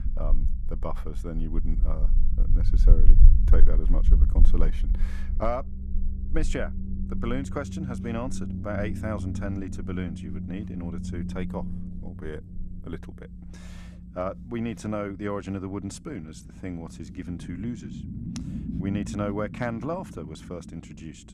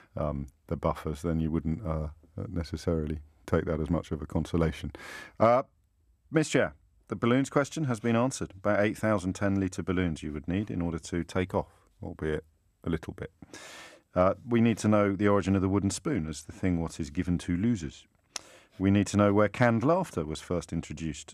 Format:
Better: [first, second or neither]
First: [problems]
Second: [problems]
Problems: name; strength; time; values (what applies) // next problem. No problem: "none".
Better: second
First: low rumble; loud; throughout; 10 dB below the speech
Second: none